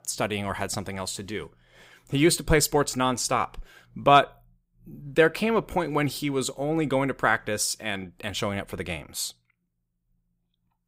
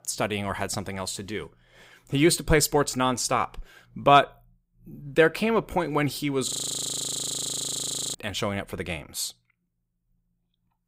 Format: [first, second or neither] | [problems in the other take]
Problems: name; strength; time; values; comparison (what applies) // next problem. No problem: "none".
first | audio freezing; at 6.5 s for 1.5 s